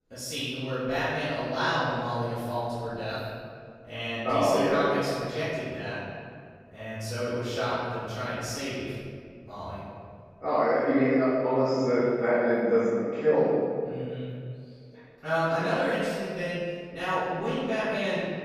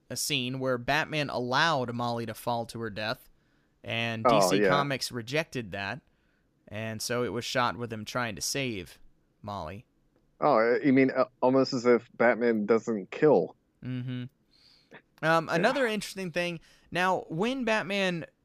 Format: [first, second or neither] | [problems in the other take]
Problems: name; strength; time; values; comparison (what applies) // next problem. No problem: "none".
second | room echo; strong; dies away in 2 s // off-mic speech; far